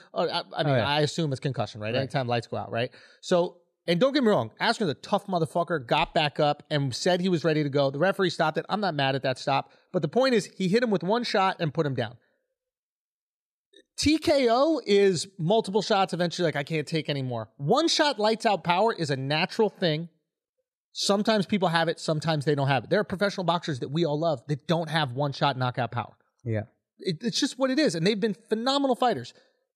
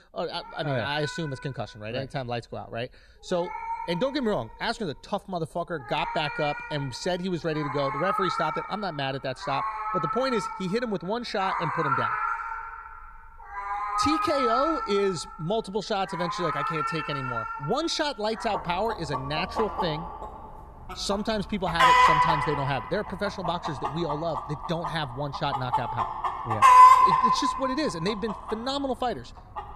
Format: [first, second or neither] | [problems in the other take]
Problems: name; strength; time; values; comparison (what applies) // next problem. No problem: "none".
first | animal sounds; very loud; throughout; 5 dB above the speech